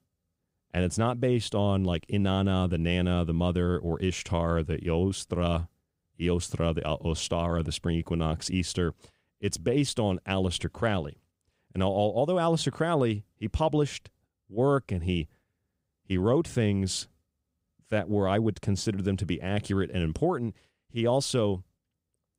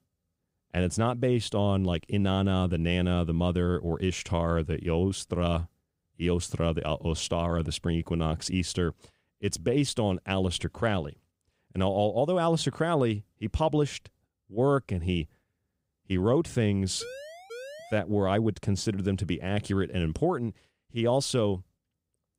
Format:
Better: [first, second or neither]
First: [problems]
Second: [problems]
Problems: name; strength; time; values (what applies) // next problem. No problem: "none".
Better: first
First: none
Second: siren; faint; at 17 s; peak 15 dB below the speech